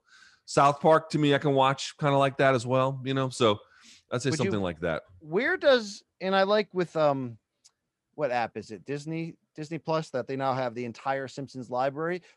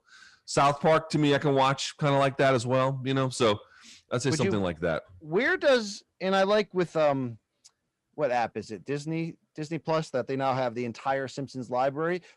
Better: first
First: none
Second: distortion; slight; 10 dB below the speech

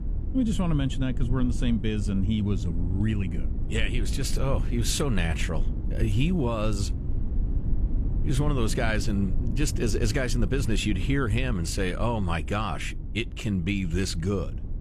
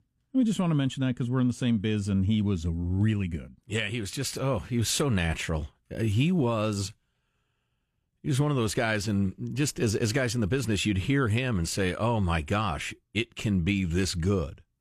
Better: second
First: low rumble; noticeable; throughout; 15 dB below the speech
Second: none

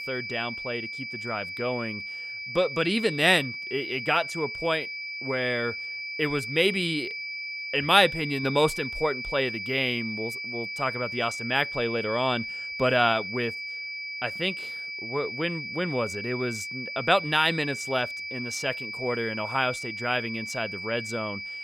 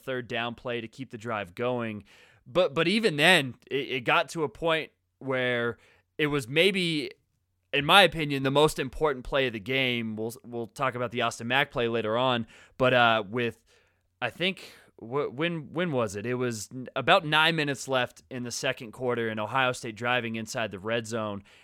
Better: second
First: high-pitched whine; loud; throughout; 2.5 kHz, 6 dB below the speech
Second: none

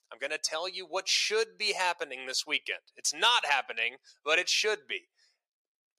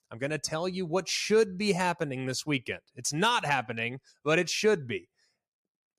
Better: second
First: thin; very; fading below 500 Hz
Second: none

